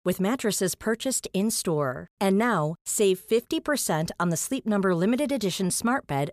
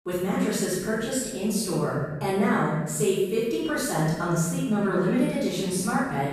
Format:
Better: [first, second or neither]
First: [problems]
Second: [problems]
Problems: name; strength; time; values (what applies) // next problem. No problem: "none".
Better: first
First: none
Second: off-mic speech; far // room echo; strong; dies away in 1.4 s